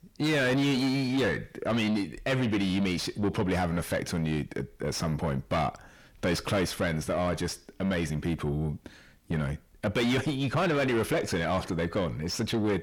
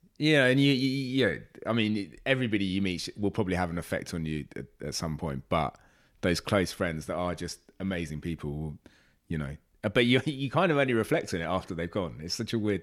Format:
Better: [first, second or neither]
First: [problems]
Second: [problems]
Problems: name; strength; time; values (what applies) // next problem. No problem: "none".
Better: second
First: distortion; heavy; 6 dB below the speech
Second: none